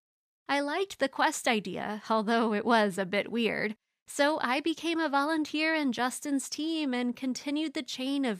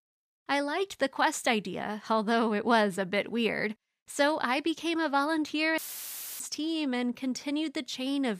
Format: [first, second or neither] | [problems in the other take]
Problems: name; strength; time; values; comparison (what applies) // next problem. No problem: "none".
first | audio cutting out; filled with static; at 6 s for 0.5 s